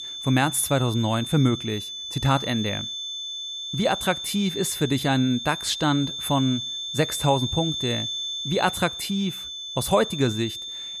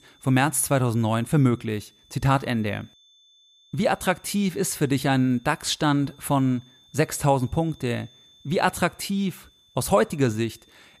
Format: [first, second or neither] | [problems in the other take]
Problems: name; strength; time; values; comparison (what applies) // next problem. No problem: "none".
second | high-pitched whine; loud; throughout; 3.5 kHz, 5 dB below the speech; faint in the second